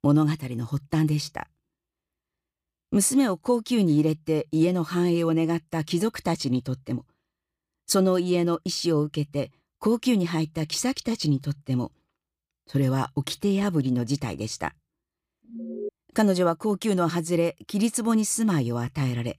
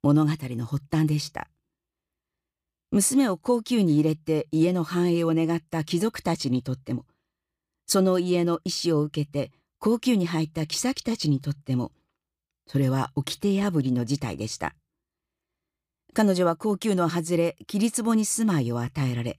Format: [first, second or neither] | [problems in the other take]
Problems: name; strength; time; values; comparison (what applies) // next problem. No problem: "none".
second | alarm; noticeable; at 15 s; peak 9 dB below the speech